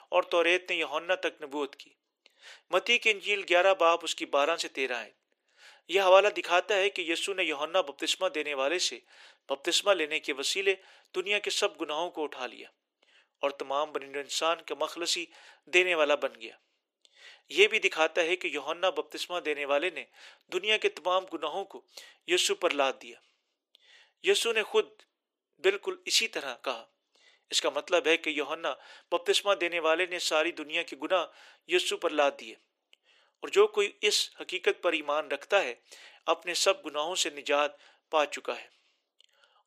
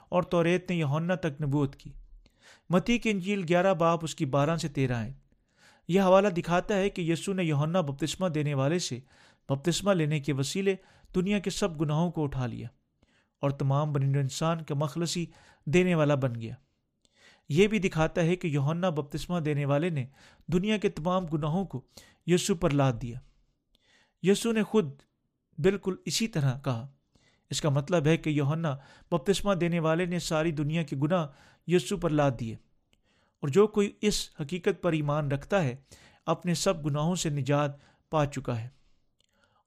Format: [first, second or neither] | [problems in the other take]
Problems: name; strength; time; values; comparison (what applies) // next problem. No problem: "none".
second | thin; very; fading below 350 Hz